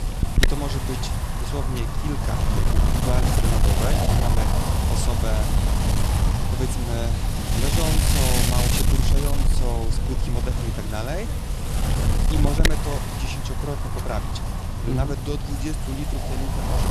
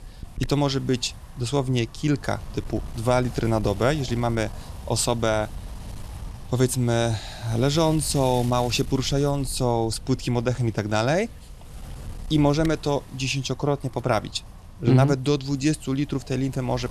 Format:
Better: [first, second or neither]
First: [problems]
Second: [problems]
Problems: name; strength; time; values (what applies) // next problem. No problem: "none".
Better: second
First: wind noise on the microphone; heavy; 3 dB above the speech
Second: wind noise on the microphone; occasional gusts; 20 dB below the speech